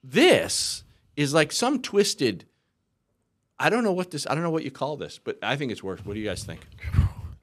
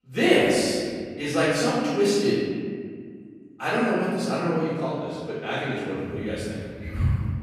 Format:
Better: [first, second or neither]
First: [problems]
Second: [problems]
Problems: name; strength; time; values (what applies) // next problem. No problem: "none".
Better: first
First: none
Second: off-mic speech; far // room echo; strong; dies away in 2 s